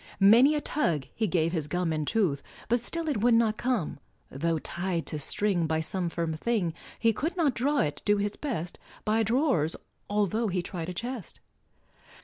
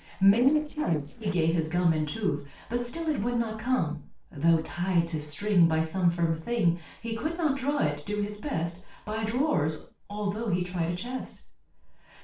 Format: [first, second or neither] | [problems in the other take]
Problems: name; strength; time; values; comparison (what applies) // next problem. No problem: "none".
first | noise reduction (neural separator model SepFormer DNS4)